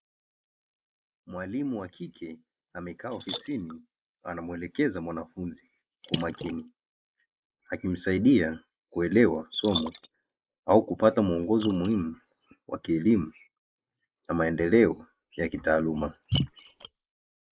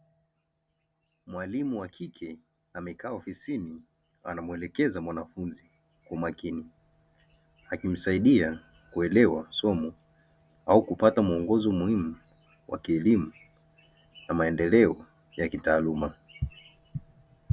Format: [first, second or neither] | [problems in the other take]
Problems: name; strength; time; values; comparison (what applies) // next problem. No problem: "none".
second | noise reduction (neural mask model Resemble Enhance denoiser)